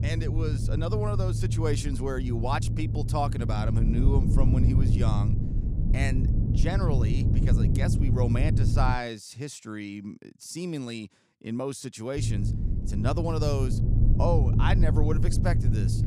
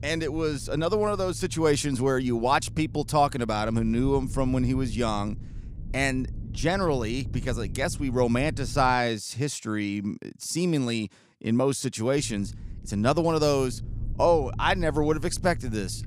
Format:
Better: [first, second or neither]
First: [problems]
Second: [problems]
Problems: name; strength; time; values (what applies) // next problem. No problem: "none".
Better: second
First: low rumble; loud; until 9 s and from 12 s on; 5 dB below the speech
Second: low rumble; faint; until 9 s and from 12 s on; 25 dB below the speech